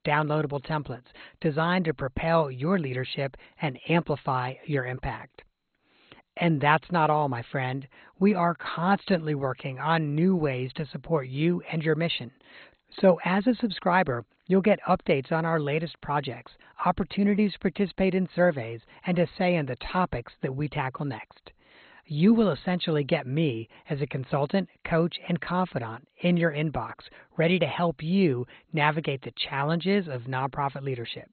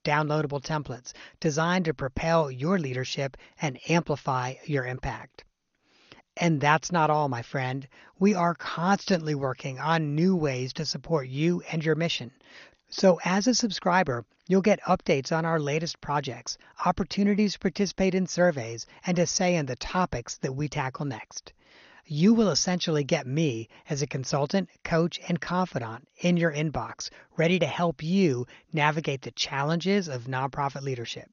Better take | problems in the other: second | garbled, watery; badly; nothing above 4 kHz; slightly in the second

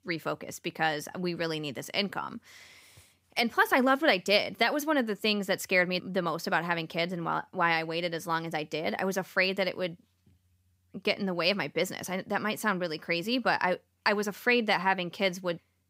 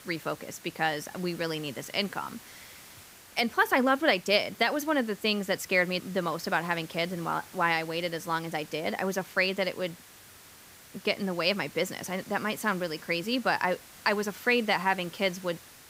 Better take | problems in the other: first | hiss; noticeable; throughout; 20 dB below the speech

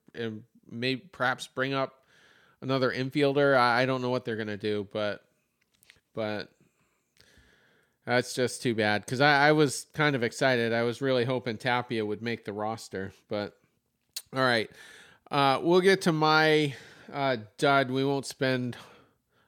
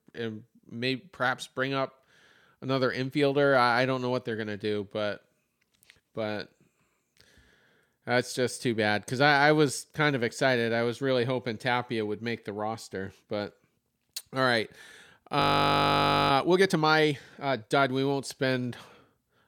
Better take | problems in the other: first | audio freezing; at 15 s for 1 s

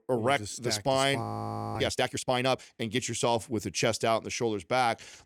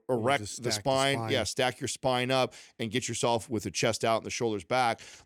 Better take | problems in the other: second | audio freezing; at 1 s for 0.5 s

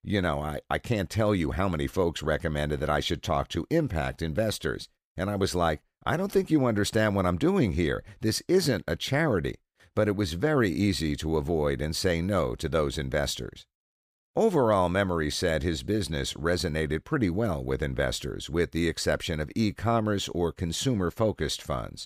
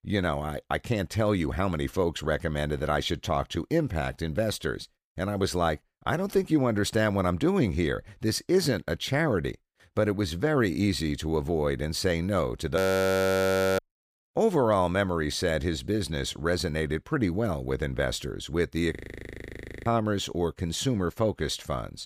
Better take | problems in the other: first | audio freezing; at 13 s for 1 s and at 19 s for 1 s

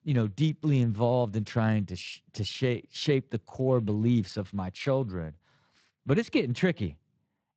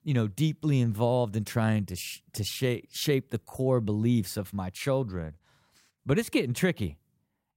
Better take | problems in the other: second | garbled, watery; slightly; nothing above 8 kHz

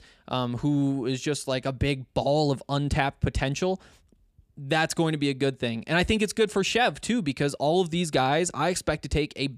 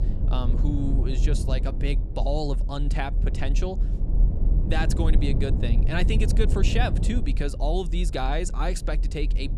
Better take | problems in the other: first | low rumble; loud; throughout; 9 dB below the speech

